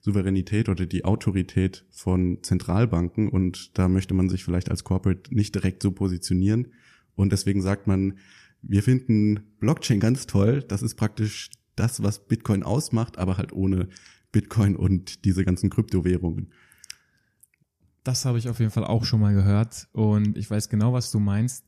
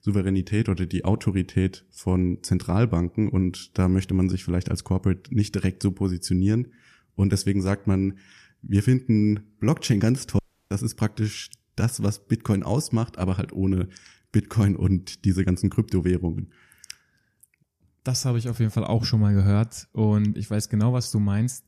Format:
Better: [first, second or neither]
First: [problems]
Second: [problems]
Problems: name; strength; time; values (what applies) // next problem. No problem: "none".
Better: first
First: none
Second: audio cutting out; at 10 s